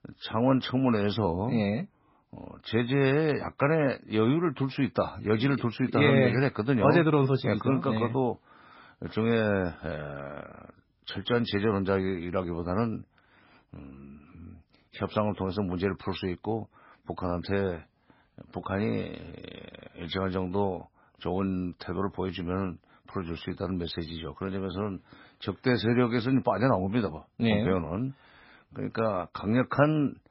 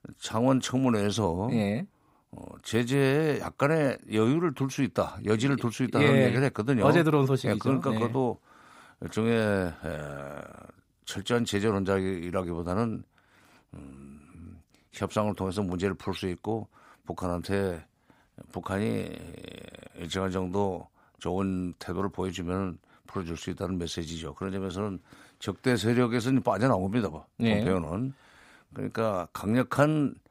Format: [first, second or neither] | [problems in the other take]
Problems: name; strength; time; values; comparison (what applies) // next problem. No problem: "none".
second | garbled, watery; badly; nothing above 5.5 kHz